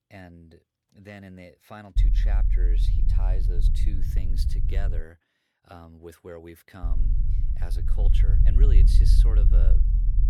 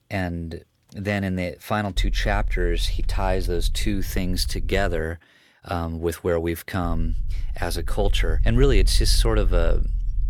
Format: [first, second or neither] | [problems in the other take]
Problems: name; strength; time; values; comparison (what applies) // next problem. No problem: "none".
second | low rumble; loud; from 2 to 5 s and from 7 s on; 2 dB below the speech; faint in the second